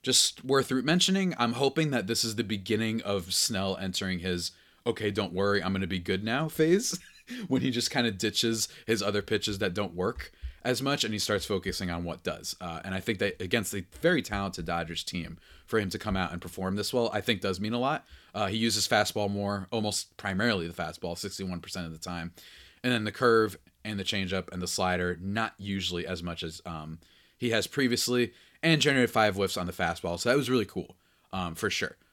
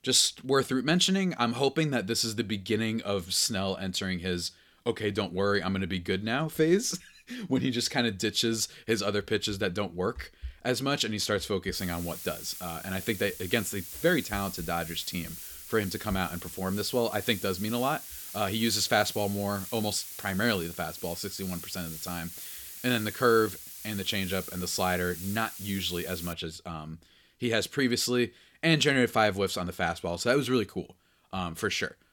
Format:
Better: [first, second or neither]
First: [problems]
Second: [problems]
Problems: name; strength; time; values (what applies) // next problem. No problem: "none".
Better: first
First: none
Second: hiss; noticeable; from 12 to 26 s; 10 dB below the speech